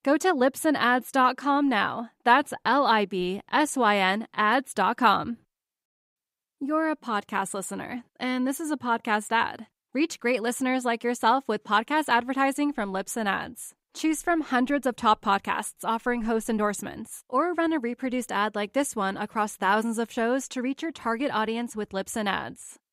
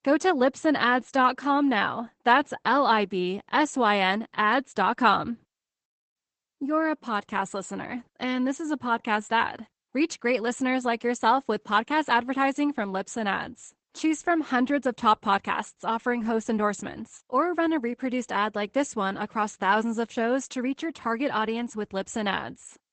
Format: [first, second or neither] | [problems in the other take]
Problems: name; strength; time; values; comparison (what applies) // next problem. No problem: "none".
first | garbled, watery; badly; nothing above 8 kHz